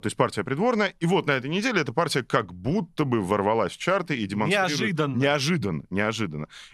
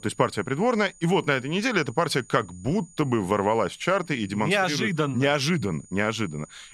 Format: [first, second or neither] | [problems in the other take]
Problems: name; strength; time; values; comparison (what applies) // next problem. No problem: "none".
first | high-pitched whine; faint; throughout; 7 kHz, 25 dB below the speech